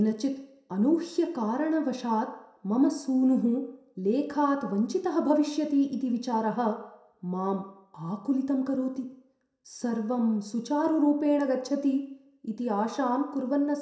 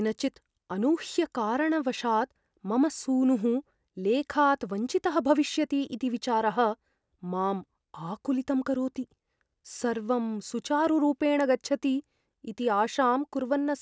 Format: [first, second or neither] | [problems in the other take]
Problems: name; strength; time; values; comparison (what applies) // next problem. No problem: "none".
second | room echo; dies away in 0.6 s